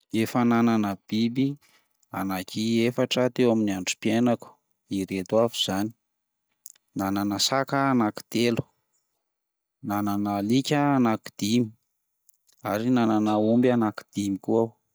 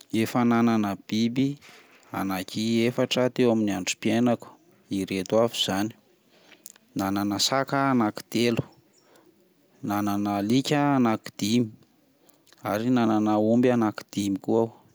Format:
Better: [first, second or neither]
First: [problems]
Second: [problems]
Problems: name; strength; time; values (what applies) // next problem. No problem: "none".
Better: second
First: noise reduction (neural mask model DeepFilterNet 3)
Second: none